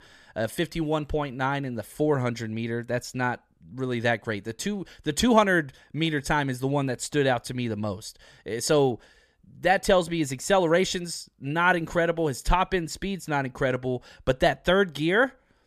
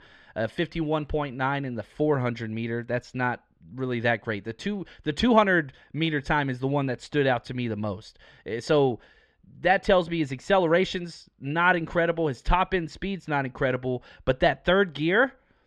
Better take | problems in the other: first | muffled; slightly; fading above 3 kHz

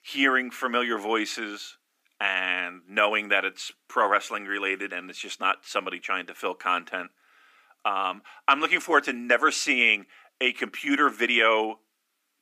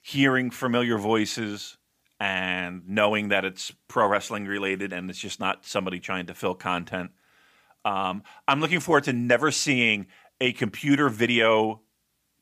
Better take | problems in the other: second | thin; somewhat; fading below 250 Hz

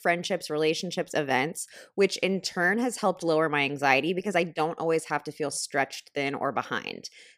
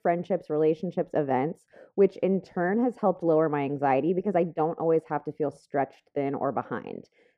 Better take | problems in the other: first | muffled; very; fading above 2 kHz

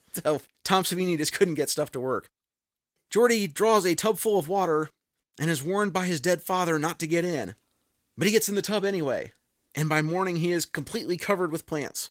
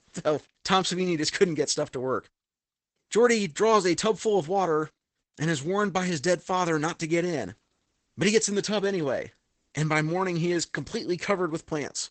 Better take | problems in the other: first | garbled, watery; badly; nothing above 8 kHz; slightly in the first

